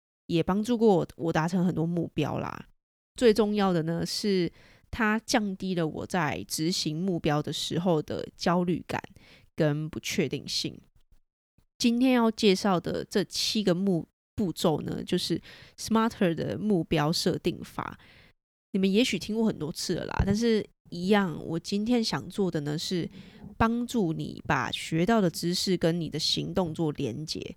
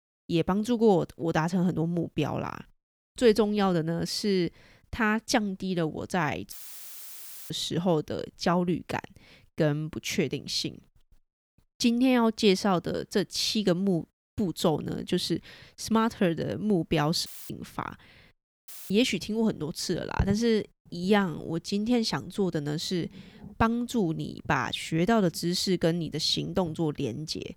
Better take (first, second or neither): first